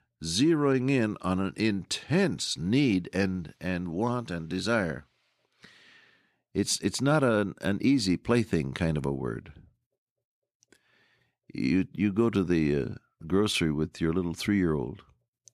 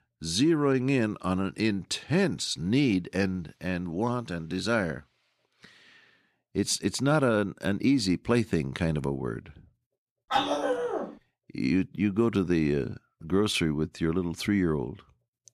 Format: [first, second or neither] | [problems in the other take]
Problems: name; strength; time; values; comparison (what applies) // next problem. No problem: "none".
first | dog barking; loud; at 10 s; peak 1 dB above the speech